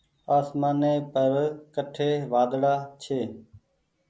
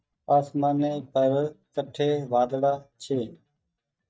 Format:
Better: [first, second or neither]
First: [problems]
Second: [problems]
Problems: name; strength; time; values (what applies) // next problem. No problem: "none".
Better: first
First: none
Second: noise reduction (neural mask model DeepFilterNet 3)